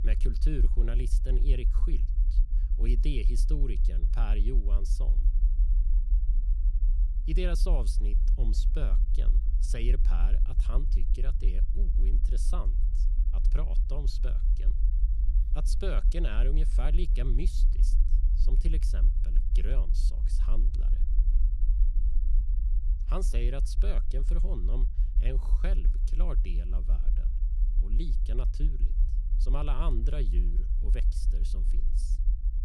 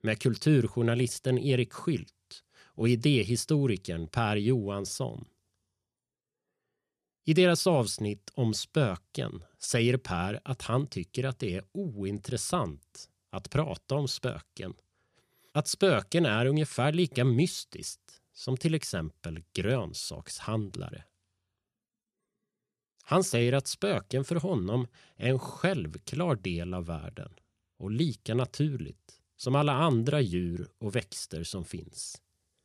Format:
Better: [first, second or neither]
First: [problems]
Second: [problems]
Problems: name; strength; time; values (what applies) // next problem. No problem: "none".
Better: second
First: low rumble; loud; throughout; 9 dB below the speech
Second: none